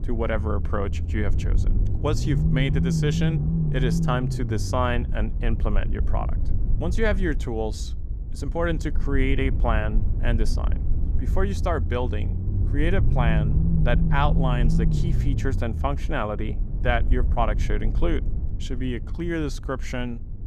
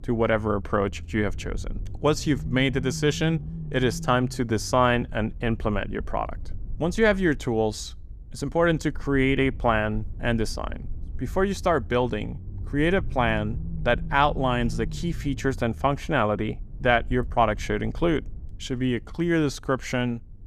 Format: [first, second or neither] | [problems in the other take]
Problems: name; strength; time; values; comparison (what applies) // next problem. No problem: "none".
second | low rumble; loud; throughout; 9 dB below the speech; faint in the second